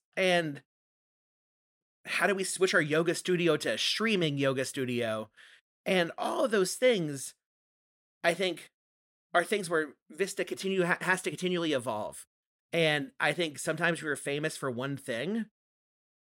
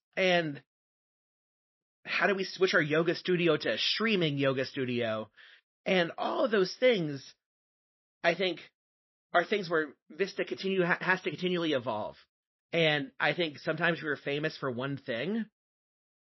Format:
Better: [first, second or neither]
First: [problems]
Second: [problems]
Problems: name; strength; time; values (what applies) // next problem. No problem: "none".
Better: first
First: none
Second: garbled, watery; slightly; nothing above 5.5 kHz